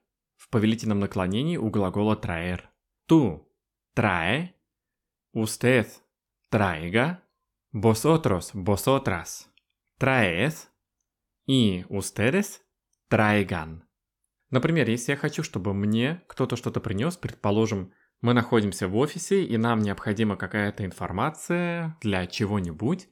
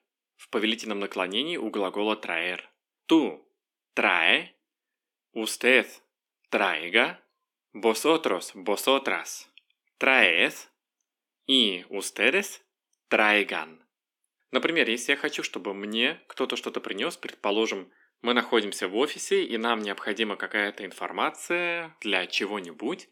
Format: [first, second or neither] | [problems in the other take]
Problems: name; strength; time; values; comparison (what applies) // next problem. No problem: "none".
first | thin; somewhat; fading below 250 Hz